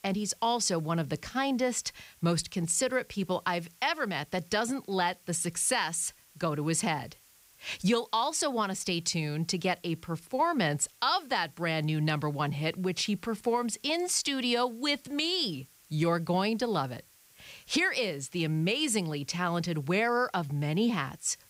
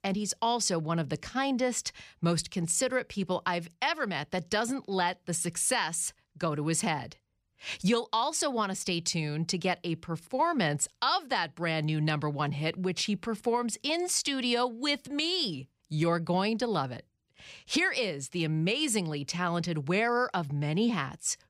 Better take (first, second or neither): second